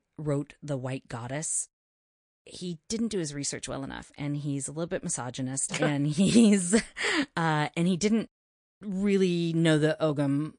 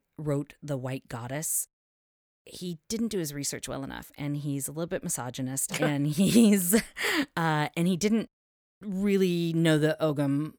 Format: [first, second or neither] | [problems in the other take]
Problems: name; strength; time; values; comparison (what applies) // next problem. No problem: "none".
second | garbled, watery; slightly; nothing above 9 kHz